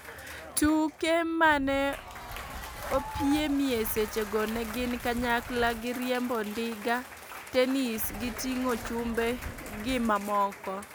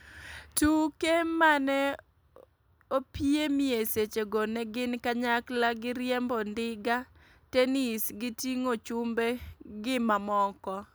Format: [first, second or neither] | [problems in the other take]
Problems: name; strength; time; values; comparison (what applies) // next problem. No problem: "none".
second | background sound (Wind + Applause / Crowd / Cheering); 11 dB below the speech